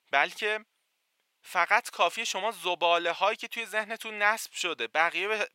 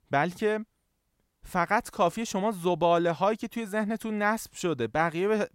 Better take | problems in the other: second | thin; very; fading below 600 Hz

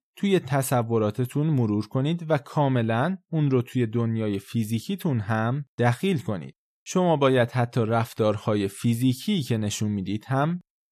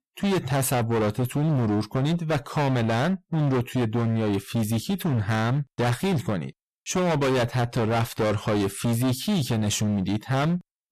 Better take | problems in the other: first | distortion; heavy; 29% of the sound clipped

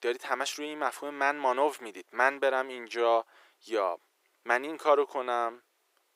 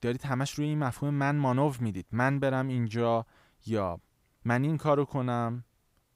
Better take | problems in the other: second | thin; very; fading below 350 Hz

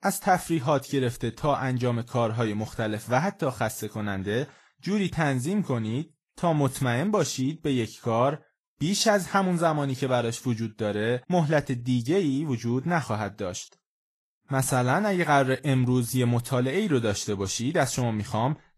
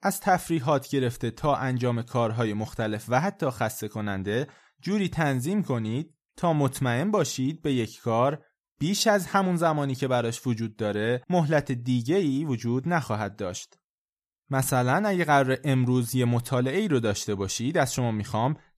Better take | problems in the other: second | garbled, watery; slightly; nothing above 12.5 kHz

